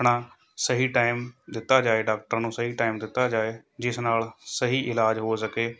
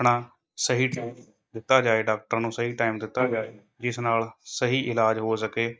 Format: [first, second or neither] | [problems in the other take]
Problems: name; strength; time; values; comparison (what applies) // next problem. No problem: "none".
first | noise reduction (neural mask model DeepFilterNet 3)